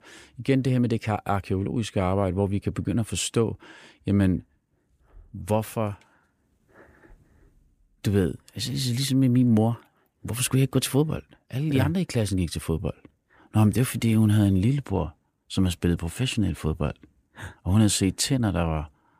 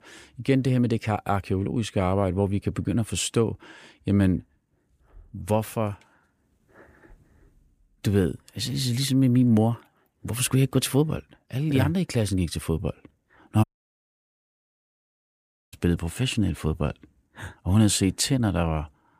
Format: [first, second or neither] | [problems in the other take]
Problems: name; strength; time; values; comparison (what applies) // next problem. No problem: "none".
first | audio cutting out; at 14 s for 2 s